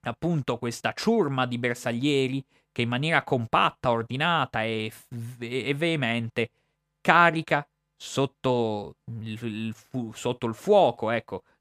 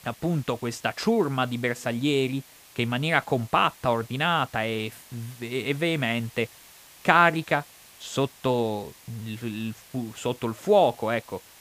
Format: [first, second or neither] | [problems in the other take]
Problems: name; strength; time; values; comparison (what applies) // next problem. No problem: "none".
first | hiss; faint; throughout; 25 dB below the speech